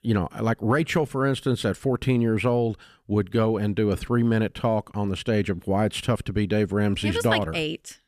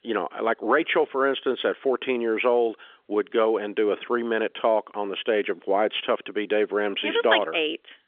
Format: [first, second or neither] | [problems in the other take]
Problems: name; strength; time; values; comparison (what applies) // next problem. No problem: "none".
first | phone-call audio; nothing above 3.5 kHz